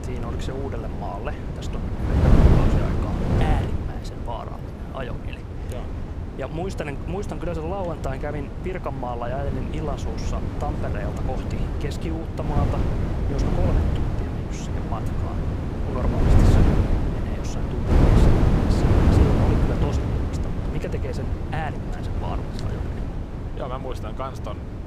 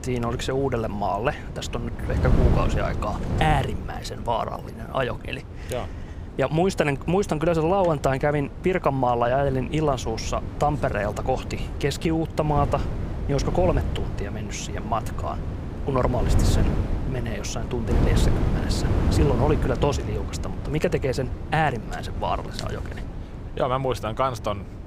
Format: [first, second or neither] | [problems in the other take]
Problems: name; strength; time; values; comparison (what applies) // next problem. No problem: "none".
second | wind noise on the microphone; heavy; 2 dB above the speech; occasional gusts in the second